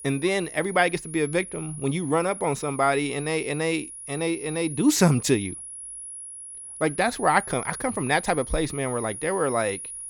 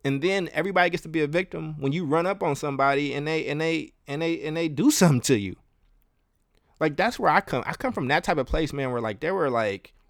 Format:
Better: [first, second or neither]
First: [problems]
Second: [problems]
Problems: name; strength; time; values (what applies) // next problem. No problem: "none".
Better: second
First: high-pitched whine; noticeable; throughout; 10.5 kHz, 10 dB below the speech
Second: none